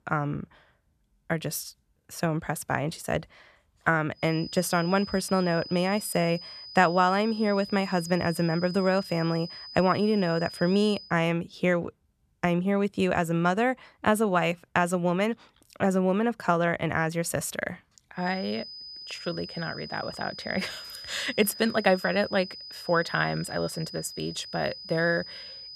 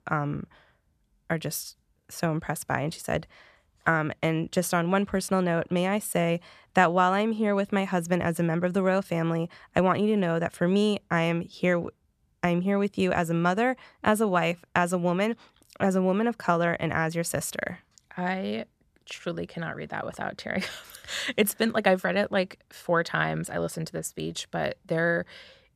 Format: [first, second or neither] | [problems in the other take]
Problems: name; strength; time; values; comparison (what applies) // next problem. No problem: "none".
second | high-pitched whine; noticeable; from 4 to 11 s and from 18 s on; 5 kHz, 15 dB below the speech